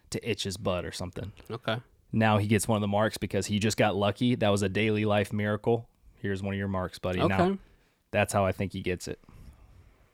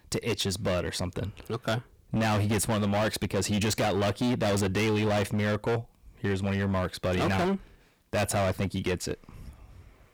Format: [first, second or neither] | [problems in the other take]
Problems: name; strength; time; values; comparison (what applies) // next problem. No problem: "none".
first | distortion; heavy; 21% of the sound clipped